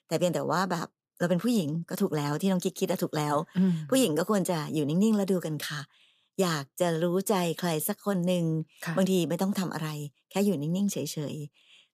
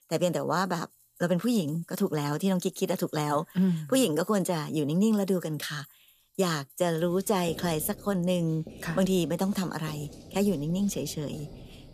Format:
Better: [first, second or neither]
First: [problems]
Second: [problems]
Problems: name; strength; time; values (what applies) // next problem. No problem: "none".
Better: first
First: none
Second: household noises; faint; throughout; 20 dB below the speech